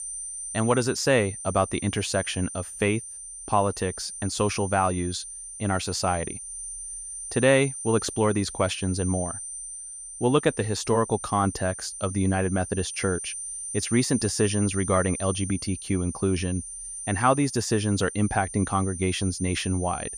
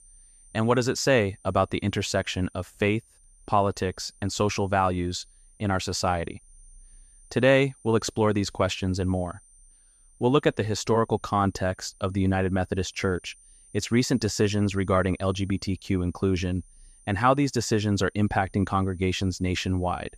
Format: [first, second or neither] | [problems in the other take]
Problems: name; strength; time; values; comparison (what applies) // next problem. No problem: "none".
second | high-pitched whine; loud; throughout; 9 kHz, 8 dB below the speech; faint in the second